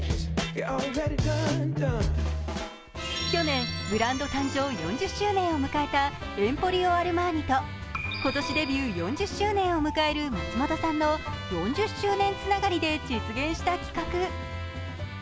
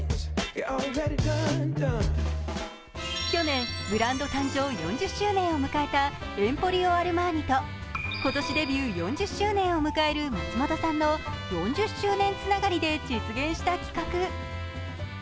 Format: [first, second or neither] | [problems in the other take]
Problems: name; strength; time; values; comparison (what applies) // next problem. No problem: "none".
second | background sound (Guitar); 15 dB below the speech